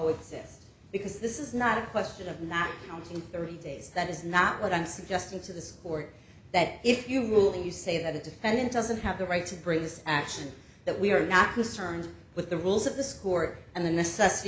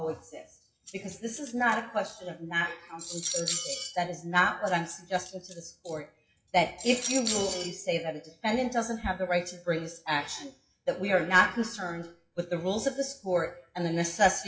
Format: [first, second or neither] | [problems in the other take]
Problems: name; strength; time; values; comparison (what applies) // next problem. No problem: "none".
first | noise reduction (classical method WPE with log-MMSE)